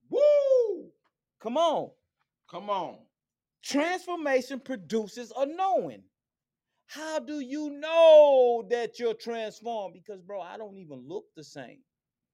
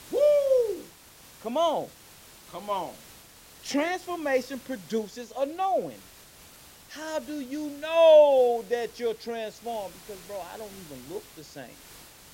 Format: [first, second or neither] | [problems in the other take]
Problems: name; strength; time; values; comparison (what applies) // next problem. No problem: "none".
first | hiss; faint; throughout; 25 dB below the speech